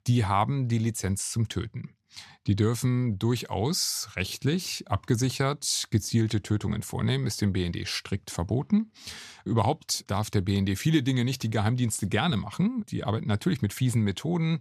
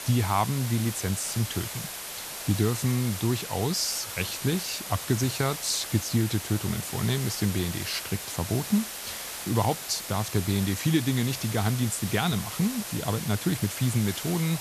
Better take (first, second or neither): first